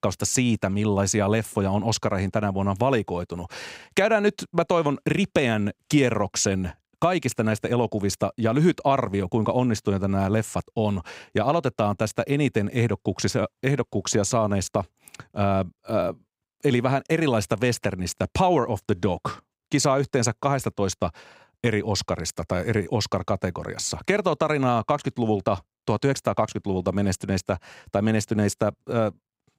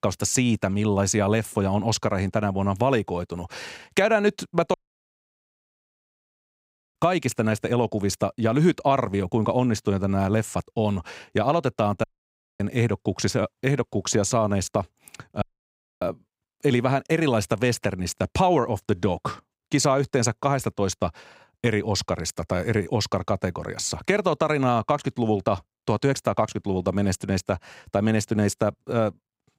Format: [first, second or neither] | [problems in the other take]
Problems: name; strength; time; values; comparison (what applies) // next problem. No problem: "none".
first | audio cutting out; at 4.5 s for 2 s, at 12 s for 0.5 s and at 15 s for 0.5 s